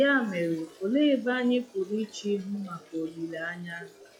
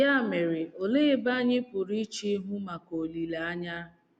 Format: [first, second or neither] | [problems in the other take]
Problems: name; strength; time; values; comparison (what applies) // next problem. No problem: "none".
second | noise reduction (classical method log-MMSE)